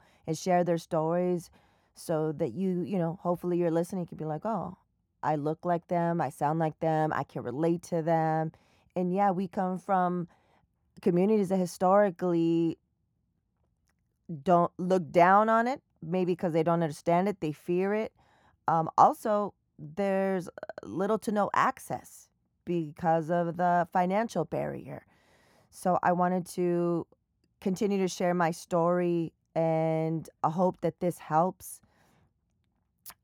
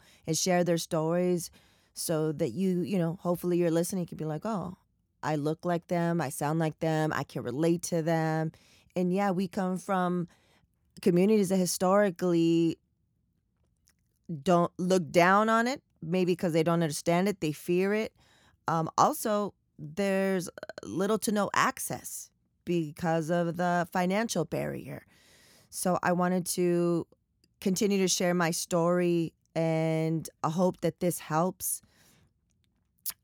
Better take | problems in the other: second | muffled; slightly; fading above 2.5 kHz

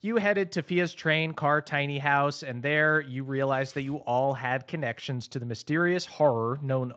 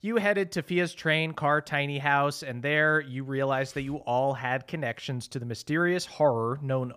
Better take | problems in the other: second | garbled, watery; slightly

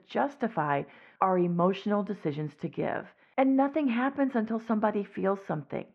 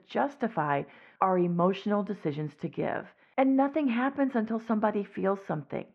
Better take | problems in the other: neither | muffled; very; fading above 2 kHz; the same in both

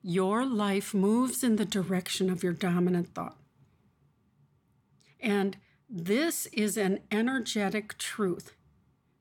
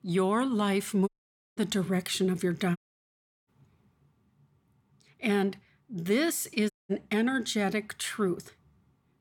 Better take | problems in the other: first | audio cutting out; at 1 s, at 3 s for 0.5 s and at 6.5 s

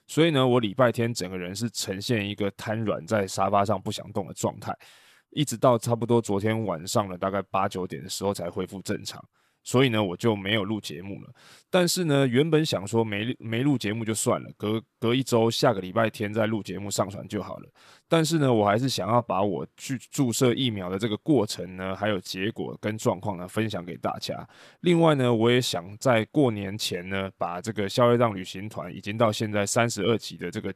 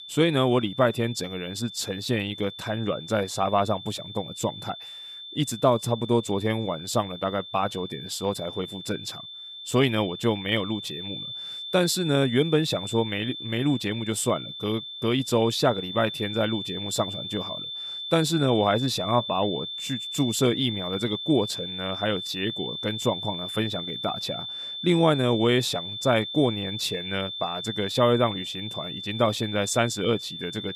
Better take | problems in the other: first | high-pitched whine; loud; throughout; 3.5 kHz, 8 dB below the speech

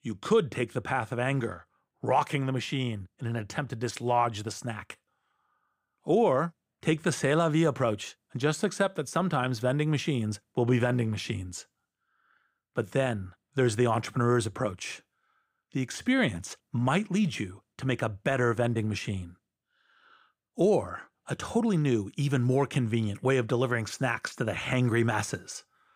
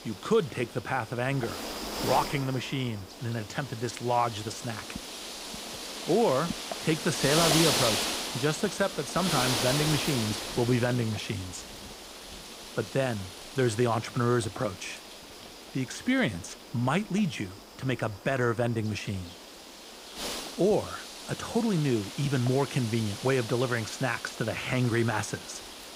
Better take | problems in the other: first | wind noise on the microphone; heavy; 4 dB below the speech

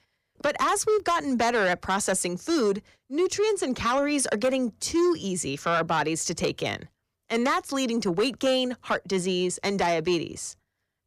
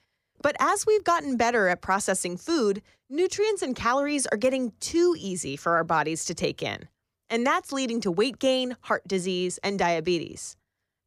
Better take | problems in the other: second | distortion; slight; 10 dB below the speech

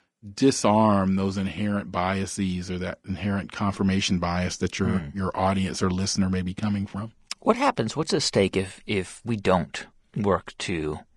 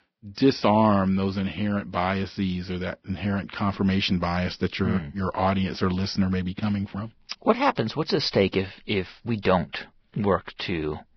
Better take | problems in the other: first | garbled, watery; badly; nothing above 5.5 kHz; slightly in the first

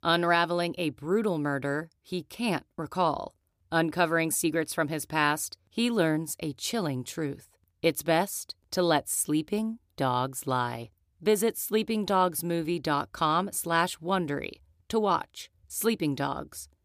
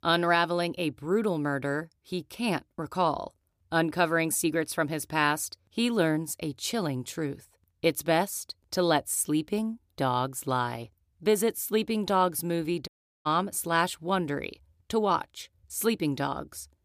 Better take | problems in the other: first | audio cutting out; at 13 s

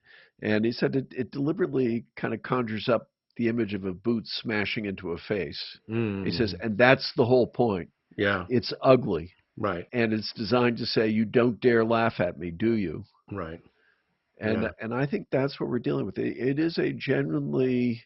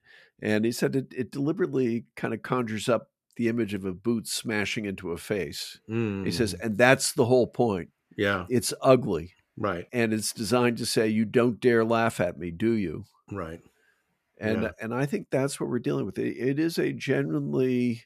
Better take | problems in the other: second | garbled, watery; badly; nothing above 5.5 kHz

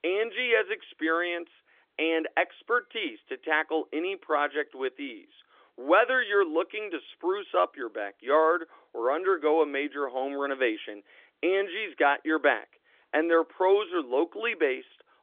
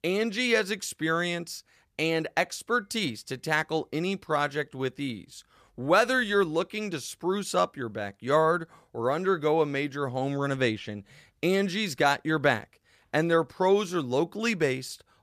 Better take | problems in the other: second | phone-call audio; nothing above 3.5 kHz

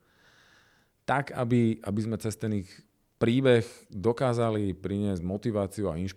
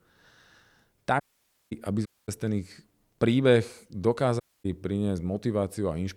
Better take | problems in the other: first | audio cutting out; at 1 s for 0.5 s, at 2 s and at 4.5 s

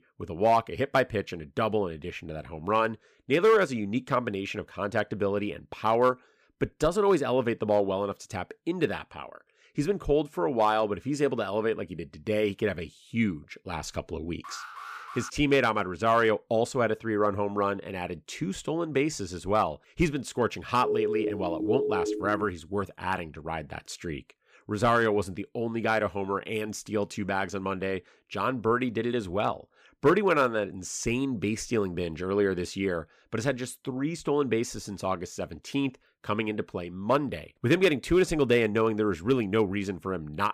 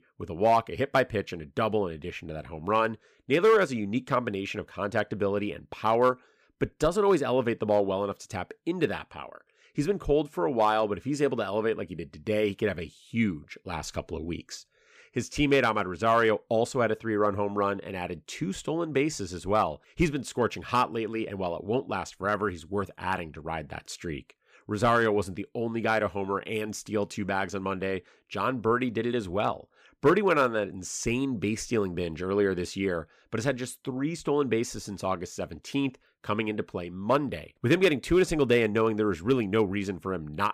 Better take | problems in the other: second | alarm; faint; at 14 s; peak 10 dB below the speech // siren; loud; from 21 to 22 s; peak level with the speech

